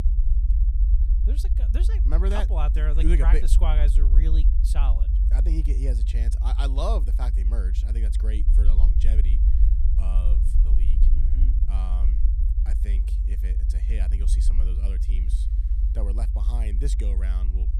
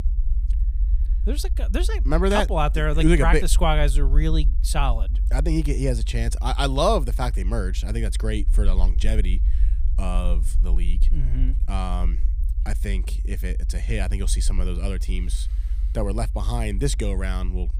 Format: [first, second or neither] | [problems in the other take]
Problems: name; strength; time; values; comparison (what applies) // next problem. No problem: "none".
second | low rumble; loud; throughout; 6 dB below the speech; faint in the second